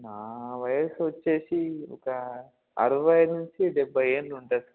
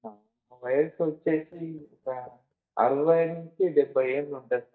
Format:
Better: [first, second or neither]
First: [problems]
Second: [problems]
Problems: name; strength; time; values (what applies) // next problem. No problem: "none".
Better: first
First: none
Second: noise reduction (neural mask model DeepFilterNet 3)